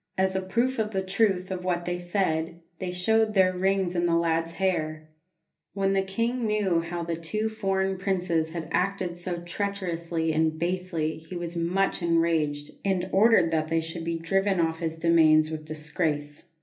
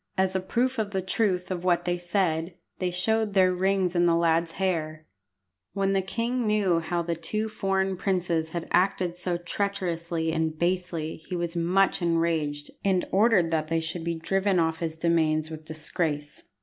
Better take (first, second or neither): second